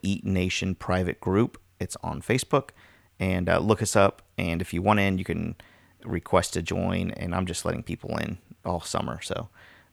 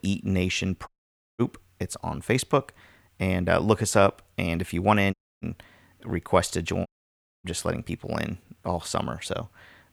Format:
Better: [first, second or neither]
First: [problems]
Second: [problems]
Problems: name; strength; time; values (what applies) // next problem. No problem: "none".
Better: first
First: none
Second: audio cutting out; at 1 s, at 5 s and at 7 s for 0.5 s